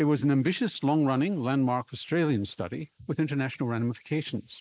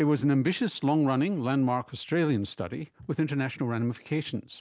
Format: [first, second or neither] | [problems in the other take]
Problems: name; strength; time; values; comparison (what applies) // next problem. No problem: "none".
second | noise reduction (neural mask model Resemble Enhance denoiser)